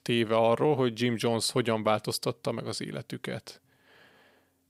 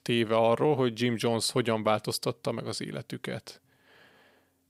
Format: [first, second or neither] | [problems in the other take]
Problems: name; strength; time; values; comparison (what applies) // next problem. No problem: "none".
neither | none